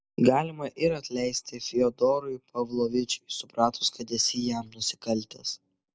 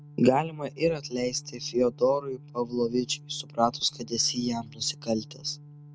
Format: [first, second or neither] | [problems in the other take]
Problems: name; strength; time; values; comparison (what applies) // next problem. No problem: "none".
first | background sound (Organ); 19 dB below the speech